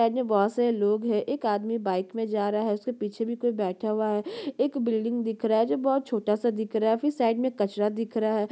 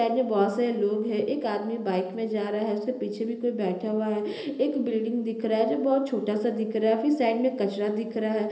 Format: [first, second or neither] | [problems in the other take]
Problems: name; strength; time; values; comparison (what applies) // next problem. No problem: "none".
first | room echo; dies away in 0.8 s